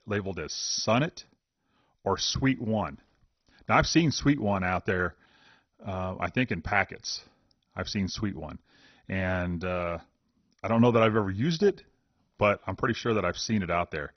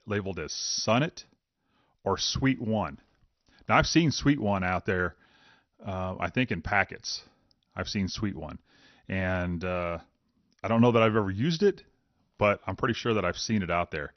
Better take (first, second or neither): second